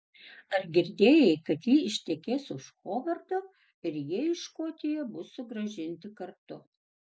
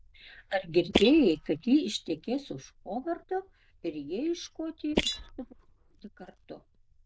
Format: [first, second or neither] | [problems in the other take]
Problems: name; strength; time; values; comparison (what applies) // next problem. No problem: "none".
first | noise reduction (neural diffusion model UNIVERSE++)